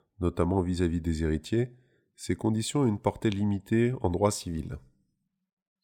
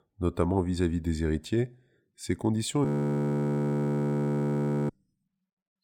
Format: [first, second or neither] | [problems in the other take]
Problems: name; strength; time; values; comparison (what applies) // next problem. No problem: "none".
first | audio freezing; at 3 s for 2 s